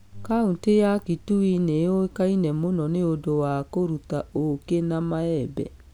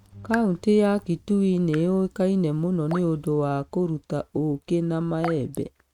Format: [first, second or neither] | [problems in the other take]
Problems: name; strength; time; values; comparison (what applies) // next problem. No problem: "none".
first | noise reduction (neural mask model RNNoise)